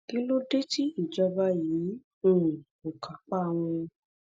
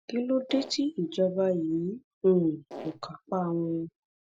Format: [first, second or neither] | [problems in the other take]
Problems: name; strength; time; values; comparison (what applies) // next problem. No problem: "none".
first | background sound (Fart); 13 dB below the speech